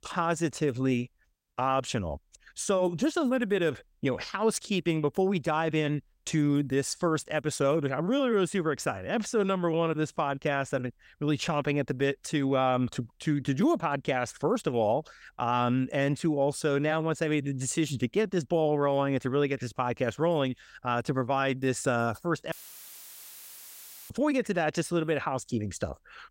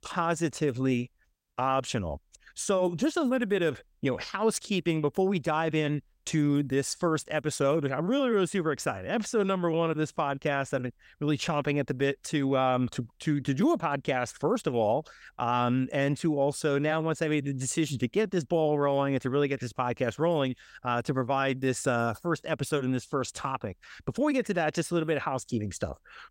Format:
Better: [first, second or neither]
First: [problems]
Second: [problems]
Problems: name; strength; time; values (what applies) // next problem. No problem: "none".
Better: second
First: audio cutting out; filled with static; at 23 s for 1.5 s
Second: none